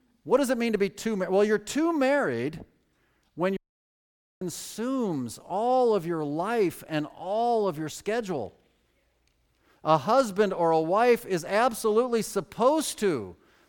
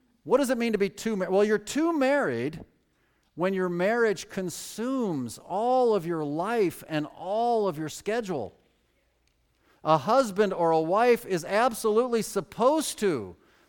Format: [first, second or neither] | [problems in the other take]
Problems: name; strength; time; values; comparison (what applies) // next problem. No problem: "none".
second | audio cutting out; at 3.5 s for 1 s